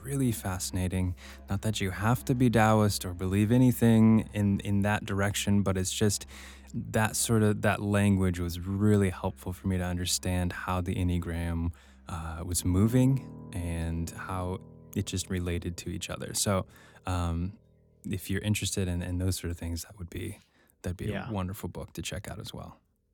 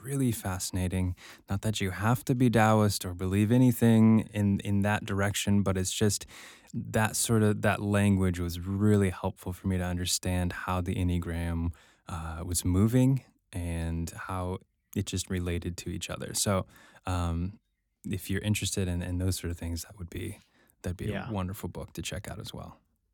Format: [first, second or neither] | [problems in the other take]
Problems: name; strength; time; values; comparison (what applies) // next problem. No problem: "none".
second | background music; faint; throughout; 20 dB below the speech